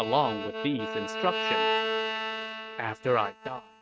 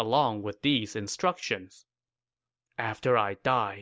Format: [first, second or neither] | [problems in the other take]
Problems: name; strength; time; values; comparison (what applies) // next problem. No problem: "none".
second | noise reduction (neural mask model RNNoise)